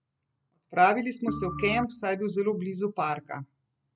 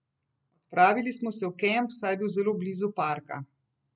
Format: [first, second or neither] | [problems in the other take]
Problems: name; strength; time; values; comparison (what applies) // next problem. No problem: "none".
second | background sound (Organ); 7 dB below the speech